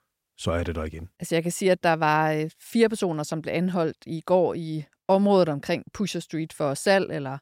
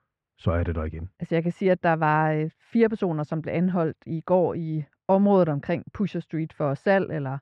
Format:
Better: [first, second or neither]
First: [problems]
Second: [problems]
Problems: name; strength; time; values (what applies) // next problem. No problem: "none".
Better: first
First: none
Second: muffled; very; fading above 2 kHz